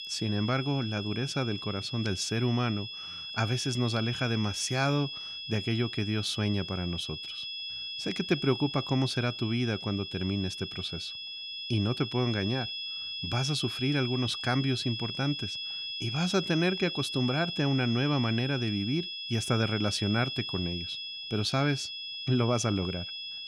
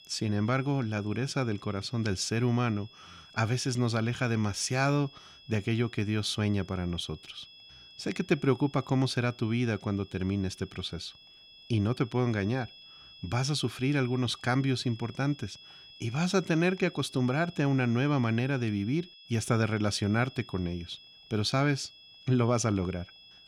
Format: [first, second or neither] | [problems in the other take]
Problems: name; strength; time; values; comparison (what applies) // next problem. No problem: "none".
second | high-pitched whine; loud; throughout; 3.5 kHz, 5 dB below the speech; faint in the second